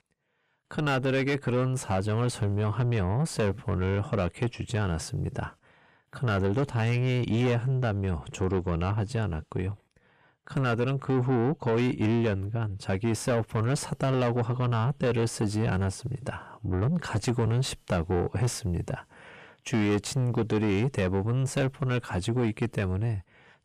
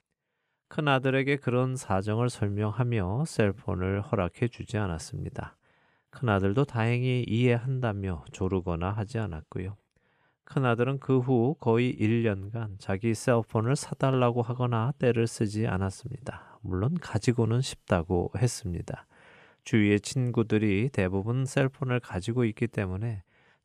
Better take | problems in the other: second | distortion; heavy; 7 dB below the speech

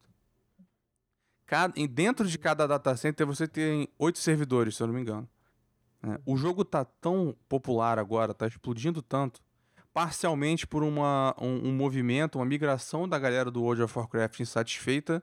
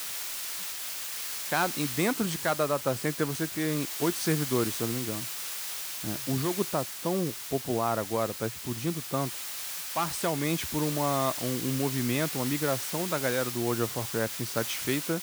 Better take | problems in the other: first | hiss; loud; throughout; 3 dB below the speech

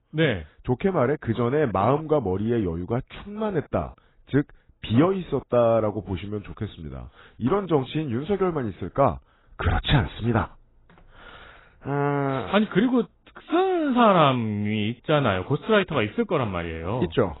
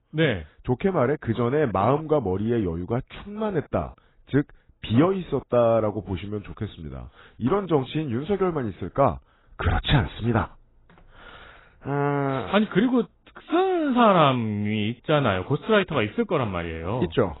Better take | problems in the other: neither | garbled, watery; badly; nothing above 4 kHz; the same in both

